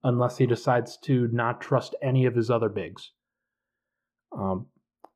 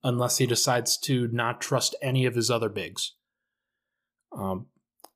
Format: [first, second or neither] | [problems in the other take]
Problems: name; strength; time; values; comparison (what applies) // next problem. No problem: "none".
second | muffled; very; fading above 3.5 kHz